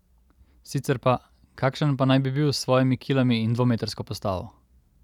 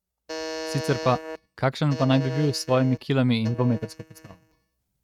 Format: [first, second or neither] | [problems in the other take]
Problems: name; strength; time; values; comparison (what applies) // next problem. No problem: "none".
first | noise reduction (neural mask model RNNoise)